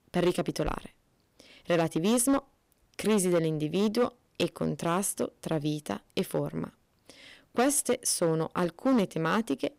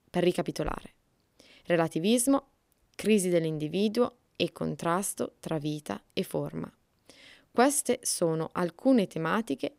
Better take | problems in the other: second | distortion; slight; 5% of the sound clipped

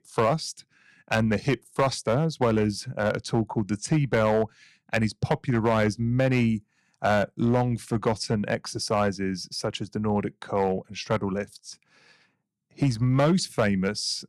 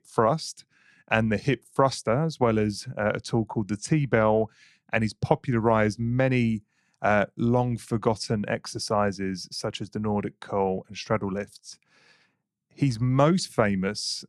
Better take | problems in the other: second | distortion; slight; 3% of the sound clipped

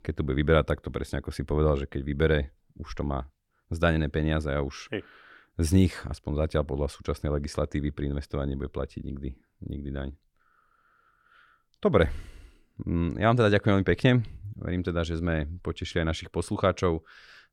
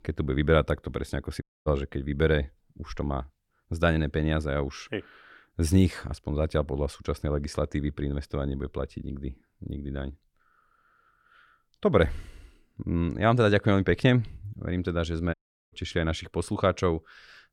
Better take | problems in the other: first | audio cutting out; at 1.5 s and at 15 s

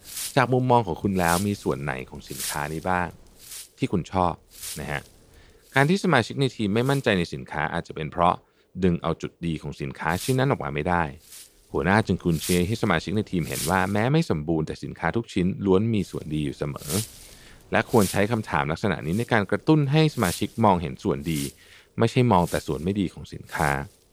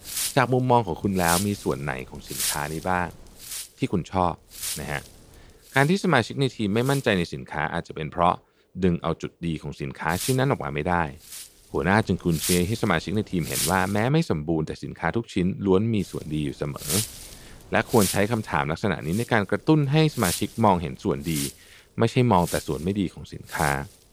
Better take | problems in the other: first | wind noise on the microphone; heavy; until 7.5 s, from 10 to 14 s and from 16 s on; 8 dB below the speech; occasional gusts in the first

